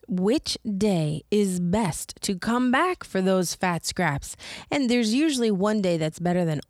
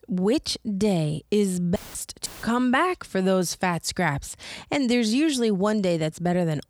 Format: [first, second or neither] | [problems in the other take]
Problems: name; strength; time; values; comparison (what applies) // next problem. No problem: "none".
first | audio cutting out; filled with static; at 2 s and at 2.5 s